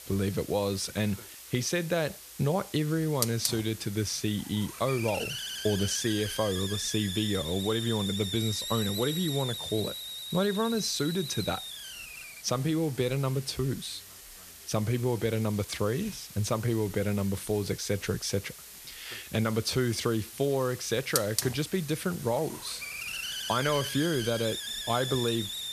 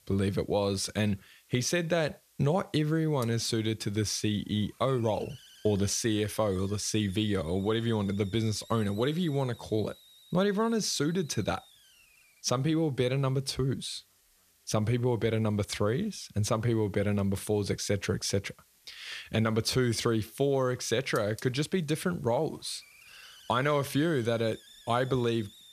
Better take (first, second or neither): second